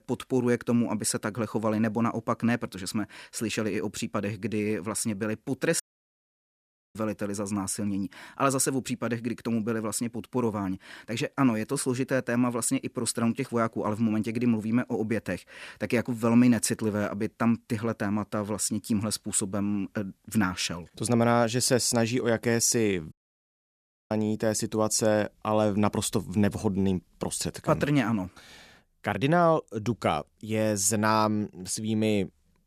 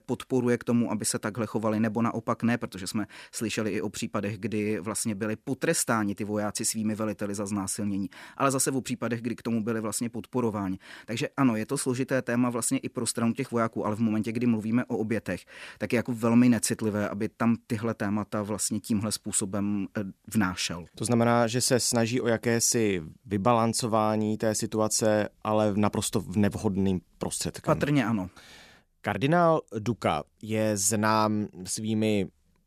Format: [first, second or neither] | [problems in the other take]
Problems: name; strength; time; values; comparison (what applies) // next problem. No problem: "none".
second | audio cutting out; at 6 s for 1 s and at 23 s for 1 s